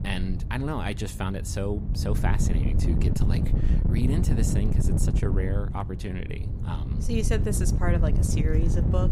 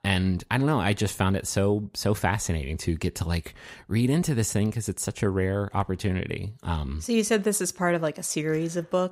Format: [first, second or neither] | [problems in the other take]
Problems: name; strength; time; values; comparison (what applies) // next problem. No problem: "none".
second | wind noise on the microphone; heavy; 4 dB below the speech